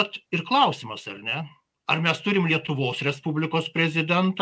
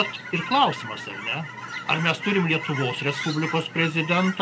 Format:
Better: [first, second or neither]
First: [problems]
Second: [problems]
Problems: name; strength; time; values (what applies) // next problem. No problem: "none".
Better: first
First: none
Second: background sound (Chirp, tweet / Fowl); 9 dB below the speech